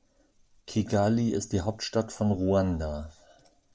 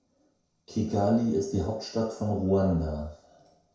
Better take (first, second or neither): first